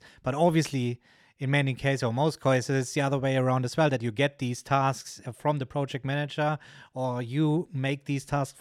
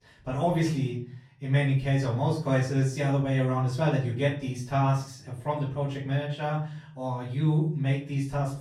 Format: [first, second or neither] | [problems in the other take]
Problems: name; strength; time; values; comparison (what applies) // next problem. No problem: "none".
first | off-mic speech; far // room echo; noticeable; dies away in 0.5 s